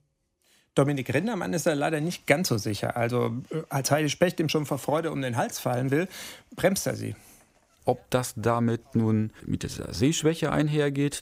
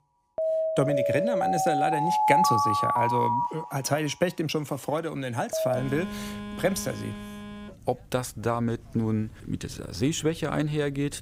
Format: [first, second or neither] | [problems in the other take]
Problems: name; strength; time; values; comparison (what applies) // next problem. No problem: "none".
first | alarms or sirens; very loud; throughout; 2 dB above the speech